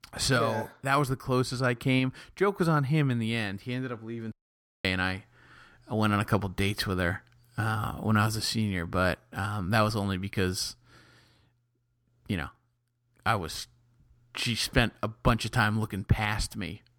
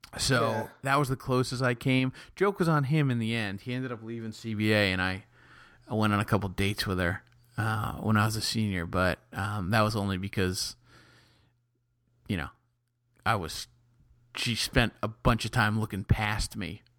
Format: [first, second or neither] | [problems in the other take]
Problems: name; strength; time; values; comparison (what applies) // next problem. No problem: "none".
second | audio cutting out; at 4.5 s for 0.5 s